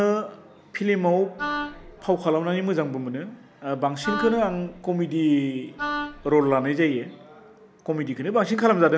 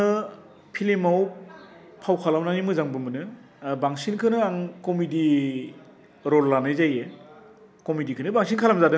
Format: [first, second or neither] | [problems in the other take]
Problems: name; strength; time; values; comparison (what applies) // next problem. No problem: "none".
second | background sound (Wind instrument, woodwind instrument); 8 dB below the speech